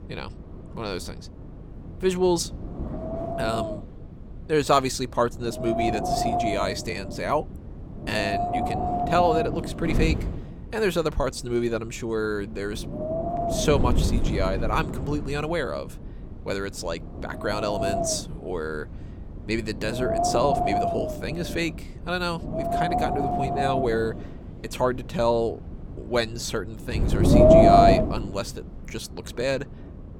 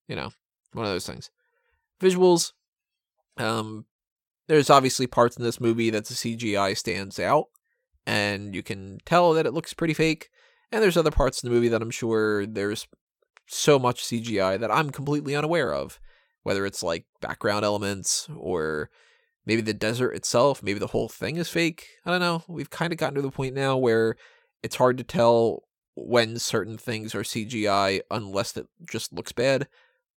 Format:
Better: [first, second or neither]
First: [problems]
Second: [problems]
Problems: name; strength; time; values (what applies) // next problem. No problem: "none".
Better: second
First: wind noise on the microphone; heavy; 4 dB above the speech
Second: none